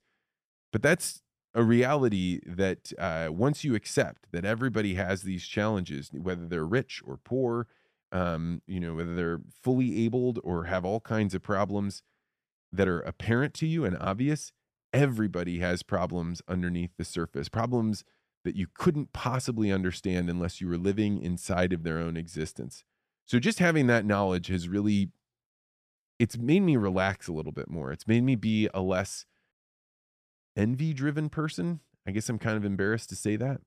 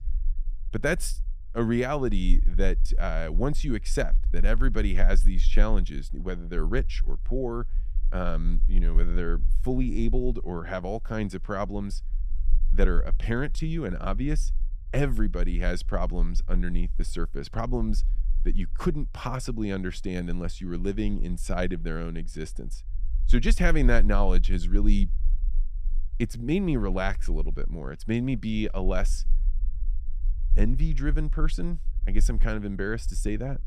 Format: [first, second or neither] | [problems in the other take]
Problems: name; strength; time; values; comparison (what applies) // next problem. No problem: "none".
first | low rumble; faint; throughout; 25 dB below the speech